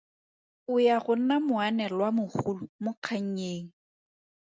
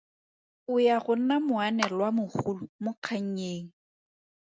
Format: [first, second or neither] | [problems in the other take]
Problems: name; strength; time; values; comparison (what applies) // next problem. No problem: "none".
first | background sound (Clapping); 10 dB below the speech